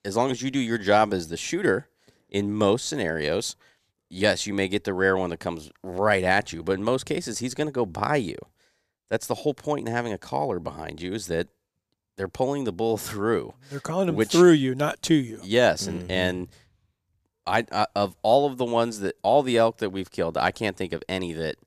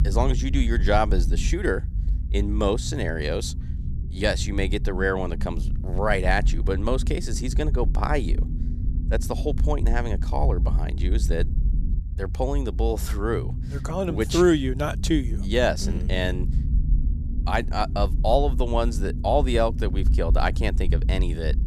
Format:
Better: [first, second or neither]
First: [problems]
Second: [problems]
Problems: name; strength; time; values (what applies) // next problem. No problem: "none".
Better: first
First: none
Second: low rumble; noticeable; throughout; 15 dB below the speech